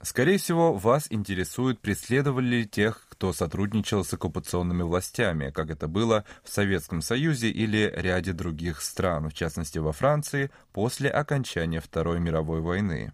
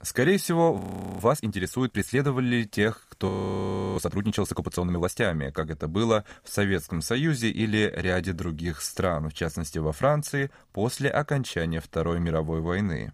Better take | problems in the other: first | audio freezing; at 1 s and at 3.5 s for 0.5 s

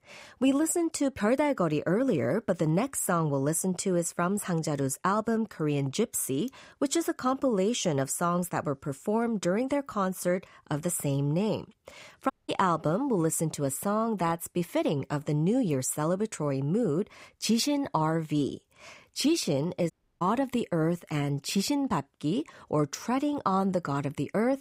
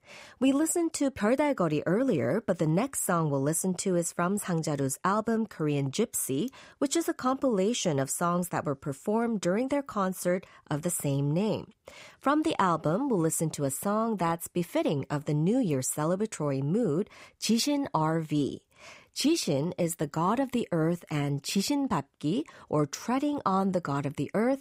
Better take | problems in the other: second | audio cutting out; at 12 s and at 20 s

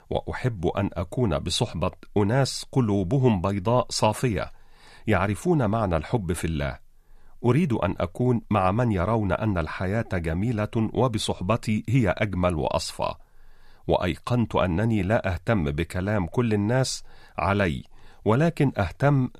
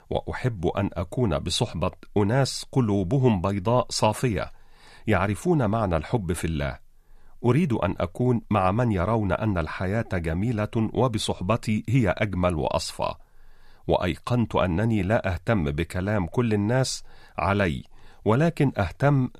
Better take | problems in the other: neither | none

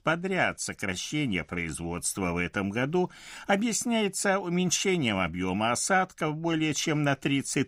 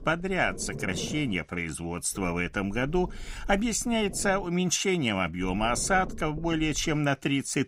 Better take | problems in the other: first | low rumble; noticeable; until 1.5 s, from 2 to 4.5 s and from 5.5 to 7 s; 20 dB below the speech

